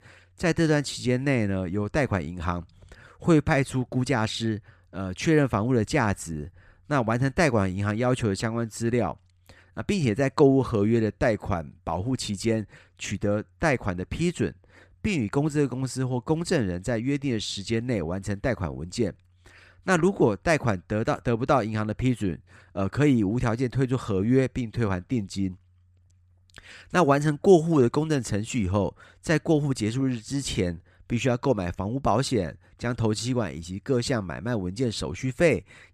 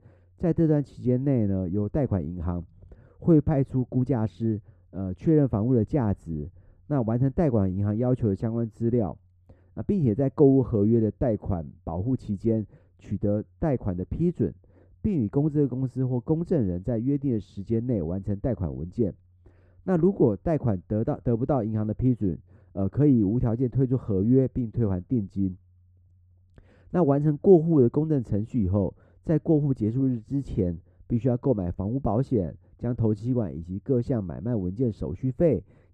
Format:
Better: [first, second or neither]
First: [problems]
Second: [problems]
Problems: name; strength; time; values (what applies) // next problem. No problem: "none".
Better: first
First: none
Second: muffled; very; fading above 1 kHz